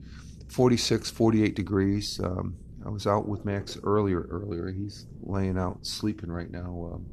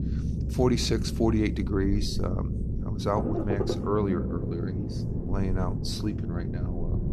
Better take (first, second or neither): first